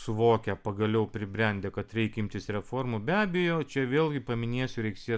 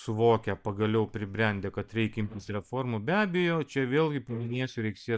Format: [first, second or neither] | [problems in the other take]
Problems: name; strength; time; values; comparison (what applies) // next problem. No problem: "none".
first | noise reduction (neural mask model DeepFilterNet 3)